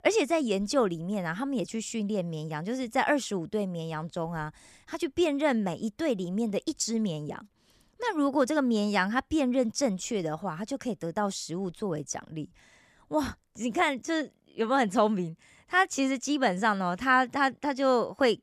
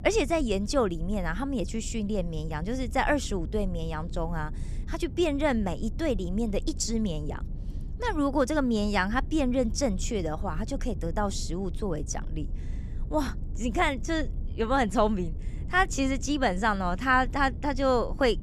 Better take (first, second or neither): first